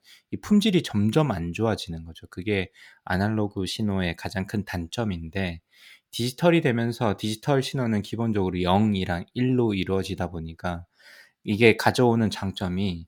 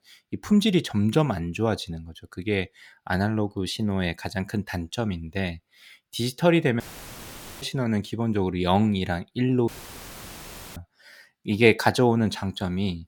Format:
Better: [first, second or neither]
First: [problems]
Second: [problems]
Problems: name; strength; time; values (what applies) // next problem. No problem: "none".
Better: first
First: none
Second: audio cutting out; filled with static; at 7 s for 1 s and at 9.5 s for 1 s